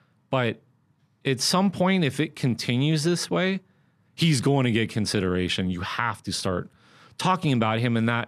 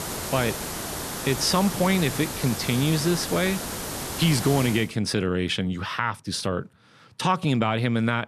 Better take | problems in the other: first | hiss; loud; until 5 s; 6 dB below the speech

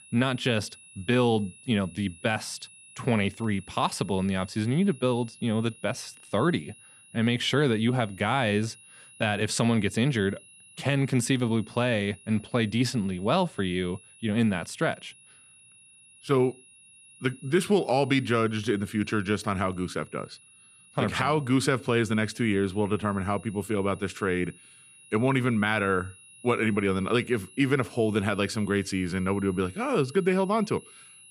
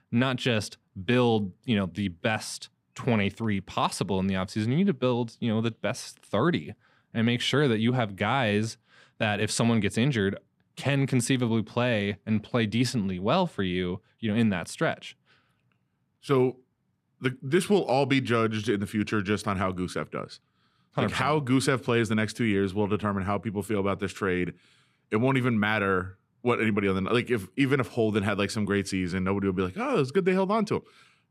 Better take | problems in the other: second | high-pitched whine; faint; throughout; 10.5 kHz, 25 dB below the speech

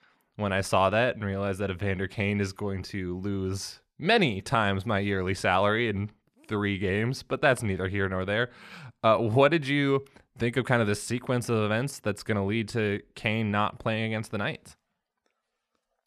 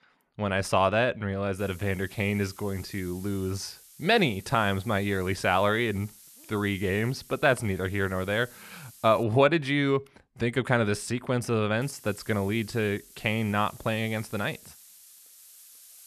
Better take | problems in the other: first | hiss; faint; from 1.5 to 9 s and from 12 s on; 20 dB below the speech

